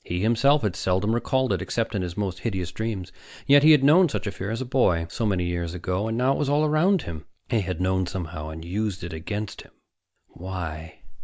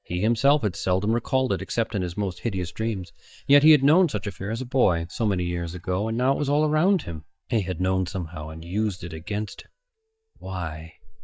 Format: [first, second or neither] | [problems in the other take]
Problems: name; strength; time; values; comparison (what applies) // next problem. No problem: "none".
first | noise reduction (neural mask model DeepFilterNet 3)